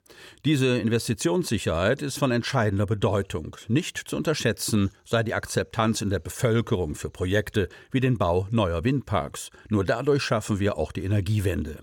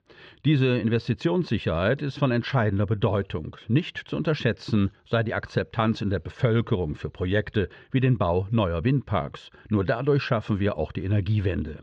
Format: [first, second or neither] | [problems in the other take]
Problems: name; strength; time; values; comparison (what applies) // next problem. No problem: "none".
first | muffled; slightly; fading above 4 kHz